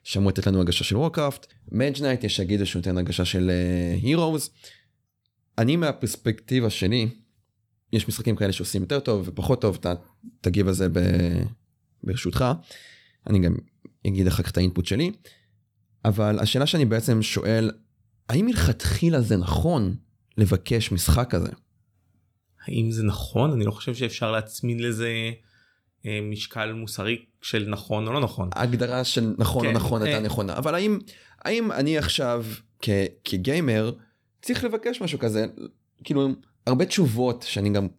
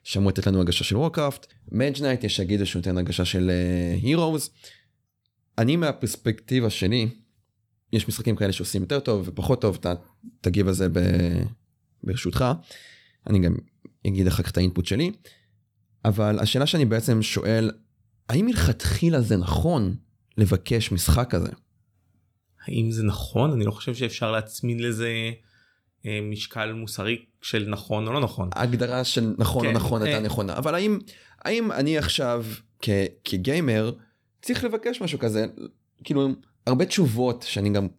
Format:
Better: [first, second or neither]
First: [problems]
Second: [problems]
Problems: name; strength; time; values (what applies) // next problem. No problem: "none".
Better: neither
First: none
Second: none